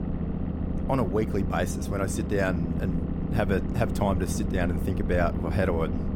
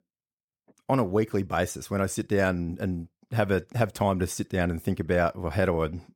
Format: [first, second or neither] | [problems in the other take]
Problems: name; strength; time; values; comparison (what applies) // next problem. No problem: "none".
second | low rumble; loud; throughout; 8 dB below the speech